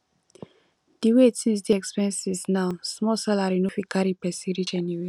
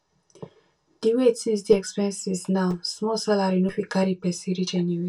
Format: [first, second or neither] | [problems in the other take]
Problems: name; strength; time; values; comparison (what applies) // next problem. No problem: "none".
first | room echo; dies away in 0.1 s